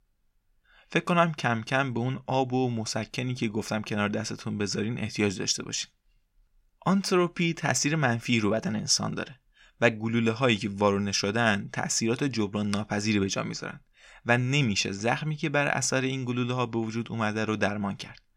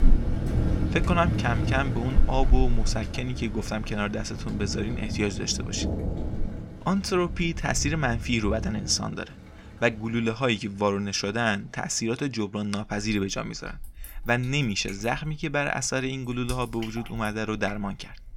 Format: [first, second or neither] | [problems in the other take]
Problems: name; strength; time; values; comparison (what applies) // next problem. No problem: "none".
first | rain or running water; loud; throughout; 4 dB below the speech